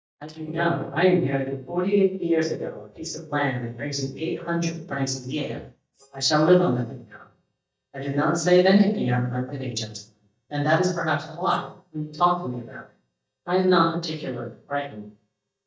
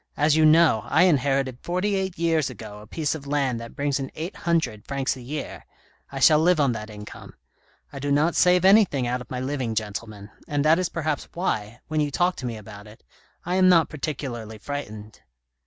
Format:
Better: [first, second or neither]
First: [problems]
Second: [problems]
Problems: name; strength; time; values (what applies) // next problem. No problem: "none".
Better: second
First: noise reduction (neural mask model DeepFilterNet 3)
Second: none